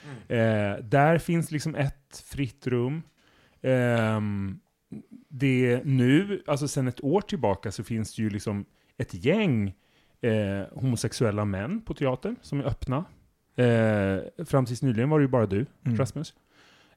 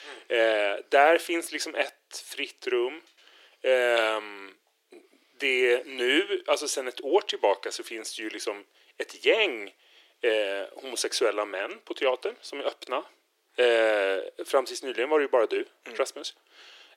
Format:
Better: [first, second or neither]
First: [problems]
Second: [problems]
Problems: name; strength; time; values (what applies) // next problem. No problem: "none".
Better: first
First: none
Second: thin; very; fading below 350 Hz